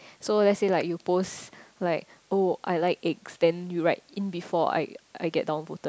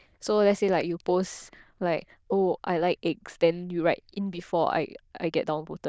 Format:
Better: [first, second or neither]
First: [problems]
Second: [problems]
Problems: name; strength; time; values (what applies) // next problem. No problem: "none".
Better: first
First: none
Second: noise reduction (neural diffusion model UNIVERSE++)